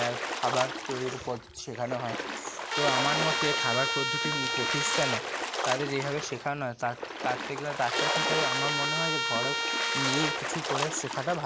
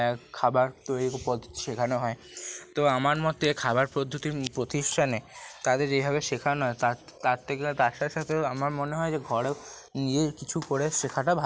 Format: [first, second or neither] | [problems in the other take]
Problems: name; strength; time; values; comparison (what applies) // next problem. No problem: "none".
second | background sound (Splash, splatter + Trumpet); 2 dB above the speech